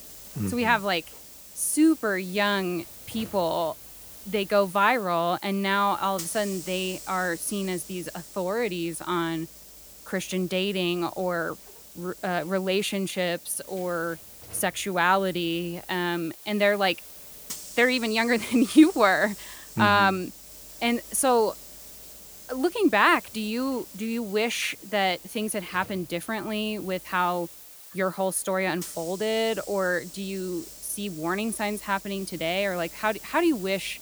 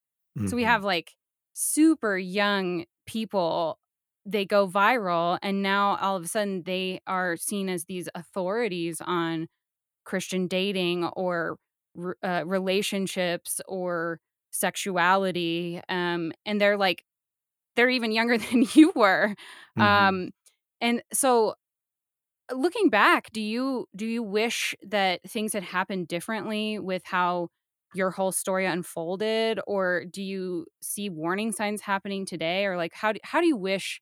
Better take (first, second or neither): second